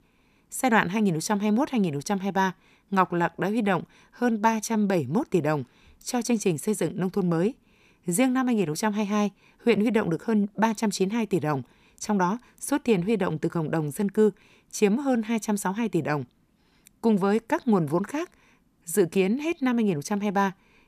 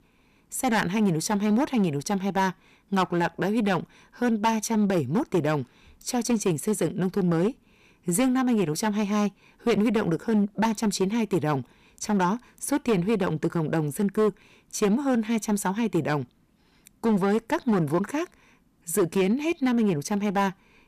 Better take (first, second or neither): first